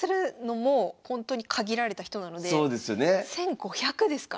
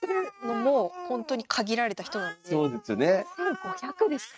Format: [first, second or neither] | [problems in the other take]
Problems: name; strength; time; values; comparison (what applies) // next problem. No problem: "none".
first | noise reduction (neural mask model RNNoise)